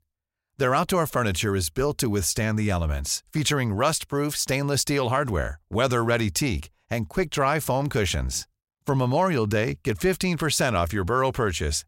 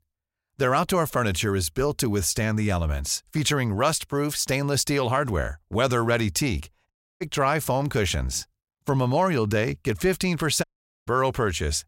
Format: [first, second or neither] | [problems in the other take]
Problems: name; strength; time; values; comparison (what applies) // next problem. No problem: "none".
first | audio cutting out; at 7 s and at 11 s